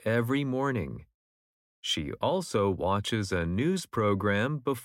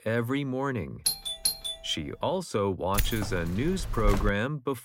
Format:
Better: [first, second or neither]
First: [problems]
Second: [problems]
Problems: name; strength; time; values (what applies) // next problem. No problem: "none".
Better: first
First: none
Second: doorbell; loud; at 1 s; peak 2 dB above the speech // jangling keys; noticeable; from 3 to 4.5 s; peak 1 dB below the speech